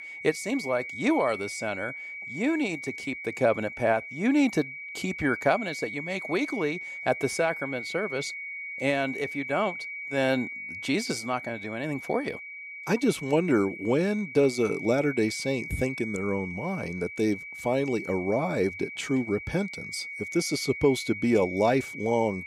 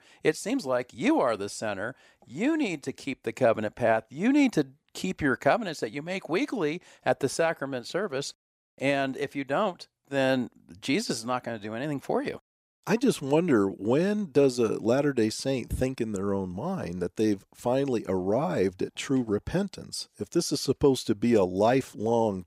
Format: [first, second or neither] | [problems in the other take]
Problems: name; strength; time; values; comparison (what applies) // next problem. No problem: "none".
second | high-pitched whine; loud; throughout; 2 kHz, 8 dB below the speech